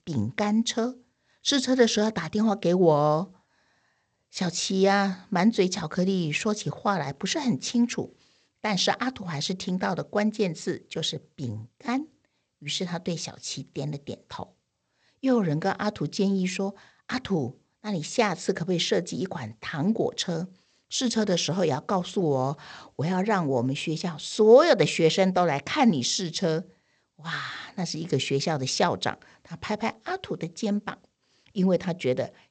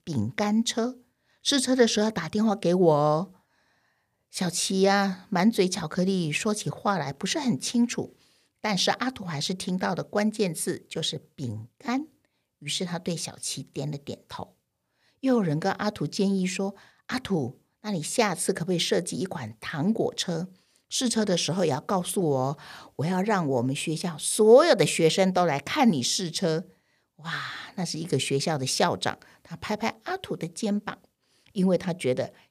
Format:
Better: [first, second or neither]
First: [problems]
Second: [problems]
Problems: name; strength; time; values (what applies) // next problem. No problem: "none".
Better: second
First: garbled, watery; slightly; nothing above 8 kHz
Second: none